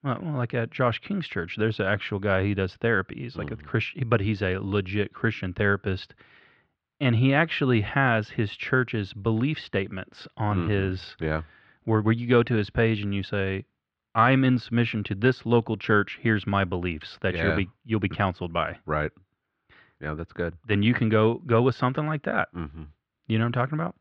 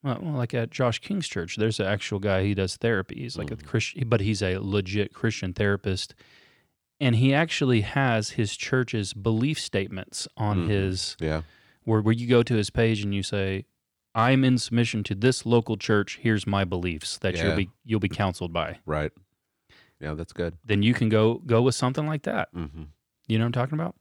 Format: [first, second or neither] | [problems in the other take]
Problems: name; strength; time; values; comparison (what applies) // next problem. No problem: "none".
second | muffled; very; fading above 3.5 kHz